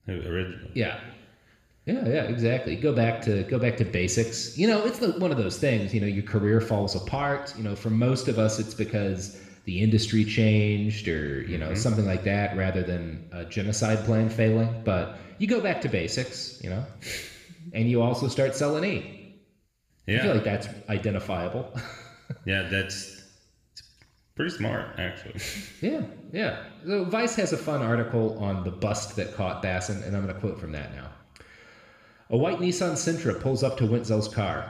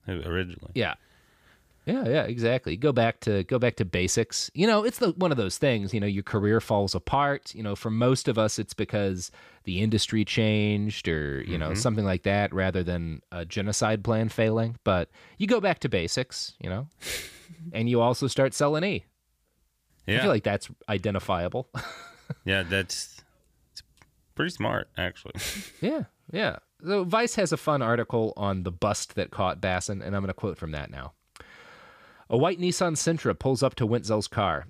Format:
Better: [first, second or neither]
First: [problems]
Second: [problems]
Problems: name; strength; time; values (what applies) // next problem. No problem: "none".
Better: second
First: room echo; slight; dies away in 0.9 s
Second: none